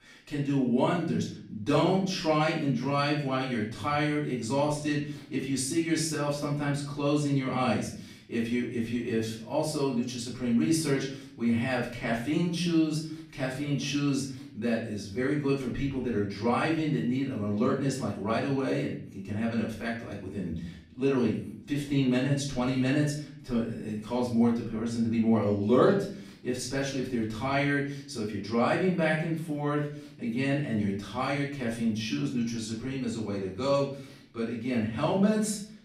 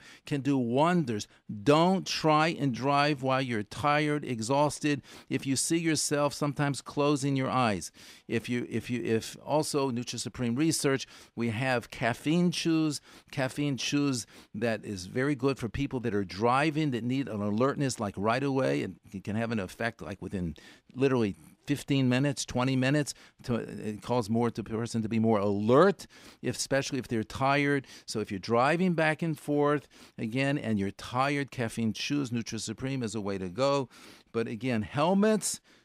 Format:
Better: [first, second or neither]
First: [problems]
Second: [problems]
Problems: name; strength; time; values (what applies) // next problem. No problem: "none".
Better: second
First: off-mic speech; far // room echo; noticeable; dies away in 0.6 s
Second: none